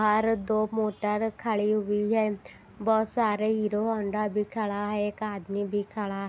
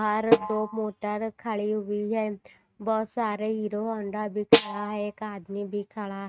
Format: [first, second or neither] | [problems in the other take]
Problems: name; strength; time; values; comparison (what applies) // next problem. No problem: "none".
first | noise reduction (neural mask model RNNoise)